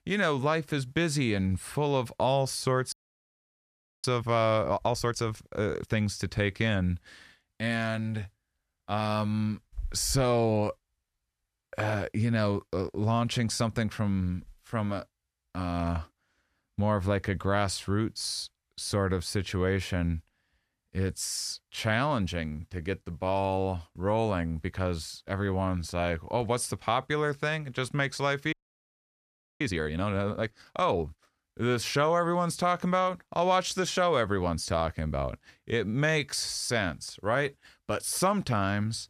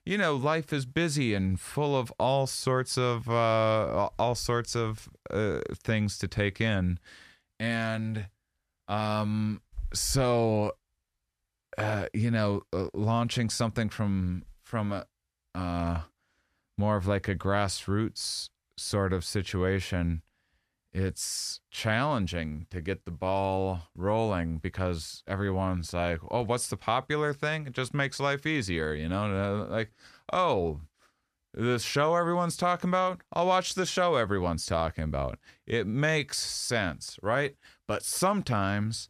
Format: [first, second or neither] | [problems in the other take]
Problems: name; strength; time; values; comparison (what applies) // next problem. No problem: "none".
second | audio freezing; at 3 s for 1 s and at 29 s for 1 s